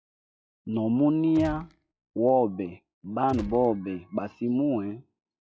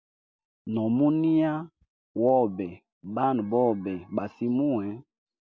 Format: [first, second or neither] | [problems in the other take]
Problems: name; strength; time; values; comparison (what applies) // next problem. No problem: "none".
second | noise reduction (classical method log-MMSE)